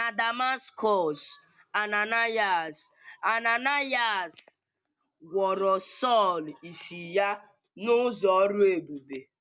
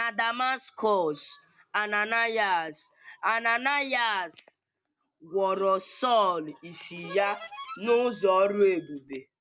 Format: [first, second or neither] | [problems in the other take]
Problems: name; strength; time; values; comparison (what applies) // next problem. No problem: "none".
first | background sound (Harmonica); 17 dB below the speech